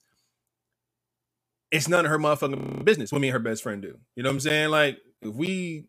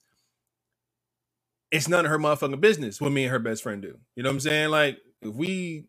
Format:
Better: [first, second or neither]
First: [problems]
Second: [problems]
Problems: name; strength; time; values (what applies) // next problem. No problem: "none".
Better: second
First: audio freezing; at 2.5 s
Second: none